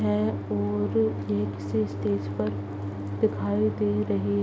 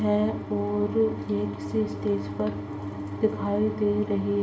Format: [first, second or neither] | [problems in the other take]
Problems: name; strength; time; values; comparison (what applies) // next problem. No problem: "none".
first | room echo; dies away in 0.3 s